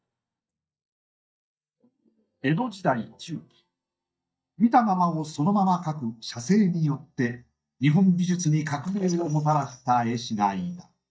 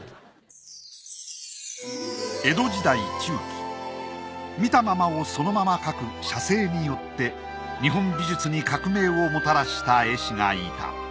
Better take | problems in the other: second | noise reduction (neural mask model DeepFilterNet 3)

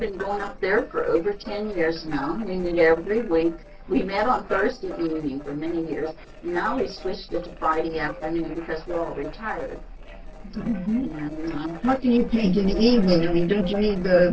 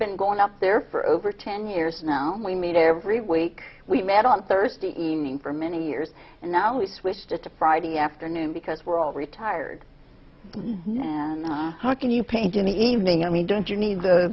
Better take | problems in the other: second | noise reduction (neural separator model SepFormer DNS4)

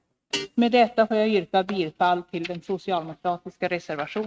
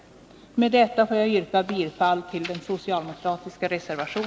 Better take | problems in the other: second | noise reduction (neural mask model RNNoise)

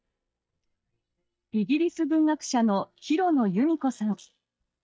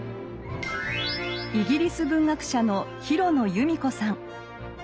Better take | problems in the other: second | noise reduction (neural mask model DeepFilterNet 3)

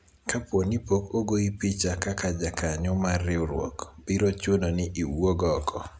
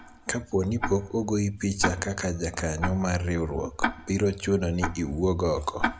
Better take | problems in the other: first | background sound (Tick-tock); 7 dB below the speech

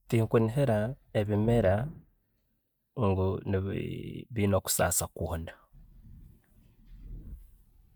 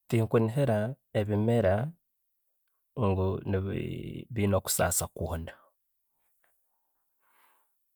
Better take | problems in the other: second | noise reduction (neural mask model DeepFilterNet 3)

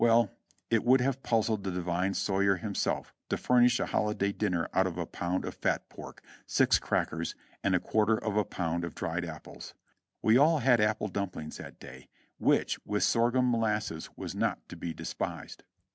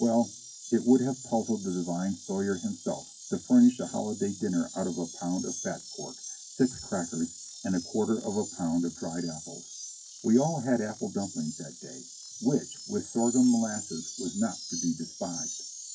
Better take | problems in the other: first | noise reduction (classical method WPE with log-MMSE)

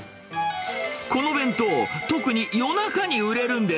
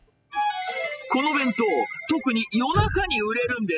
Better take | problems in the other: first | noise reduction (classical method spectral subtraction)

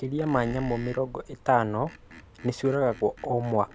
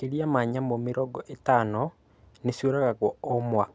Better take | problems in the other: second | background sound (Screech + Car passing by); 18 dB below the speech

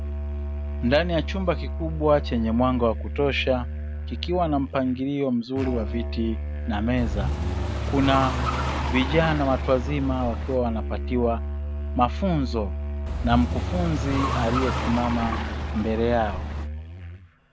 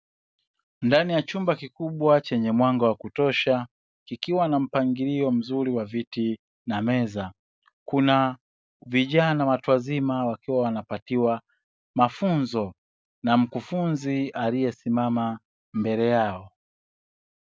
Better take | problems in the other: second | background sound (Car + Musical instrument); 2 dB below the speech

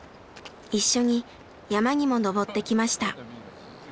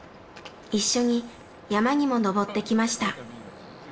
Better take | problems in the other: first | room echo; dies away in 0.6 s

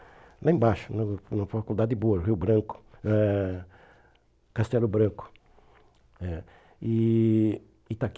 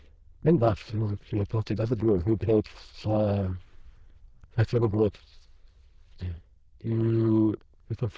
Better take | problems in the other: first | noise reduction (neural diffusion model UNIVERSE++)

